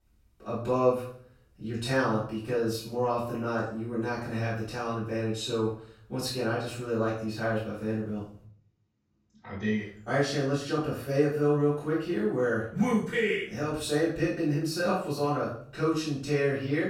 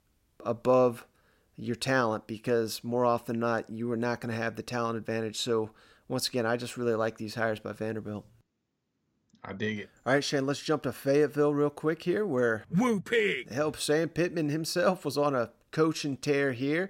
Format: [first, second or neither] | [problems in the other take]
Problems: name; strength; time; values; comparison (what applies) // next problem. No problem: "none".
second | room echo; noticeable; dies away in 0.5 s // off-mic speech; far